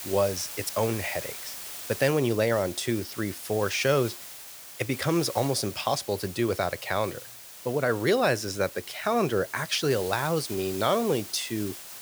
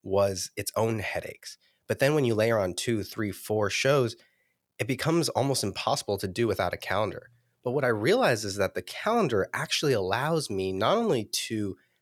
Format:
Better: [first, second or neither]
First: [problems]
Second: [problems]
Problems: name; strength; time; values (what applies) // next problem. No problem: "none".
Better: second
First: hiss; noticeable; throughout; 10 dB below the speech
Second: none